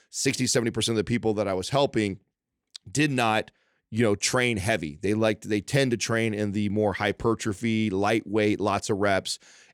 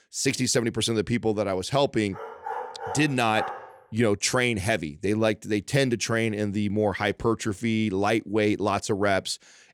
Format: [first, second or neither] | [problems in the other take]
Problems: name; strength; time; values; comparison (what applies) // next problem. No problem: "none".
first | dog barking; noticeable; from 2 to 3.5 s; peak 8 dB below the speech